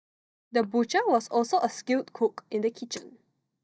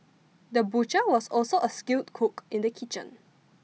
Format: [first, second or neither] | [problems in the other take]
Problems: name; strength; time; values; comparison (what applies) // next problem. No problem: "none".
second | noise reduction (neural mask model DeepFilterNet 3)